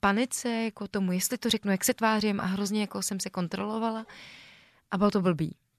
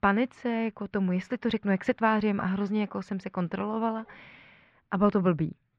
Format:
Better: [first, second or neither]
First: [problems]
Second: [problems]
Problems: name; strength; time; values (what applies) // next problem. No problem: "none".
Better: first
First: none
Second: muffled; very; fading above 2.5 kHz